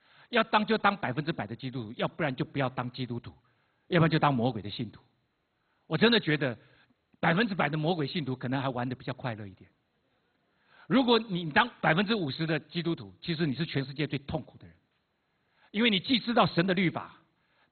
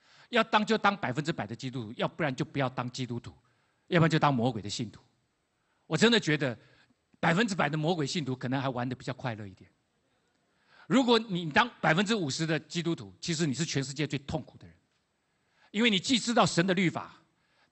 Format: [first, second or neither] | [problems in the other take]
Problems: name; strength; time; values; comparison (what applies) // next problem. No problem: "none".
second | garbled, watery; badly; nothing above 4 kHz; slightly in the second